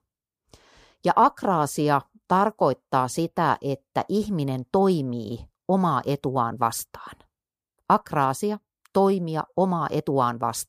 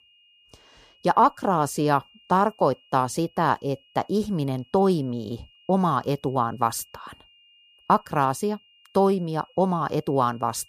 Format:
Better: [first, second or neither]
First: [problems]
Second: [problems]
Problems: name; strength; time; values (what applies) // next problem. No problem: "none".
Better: first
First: none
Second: high-pitched whine; faint; throughout; 3 kHz, 30 dB below the speech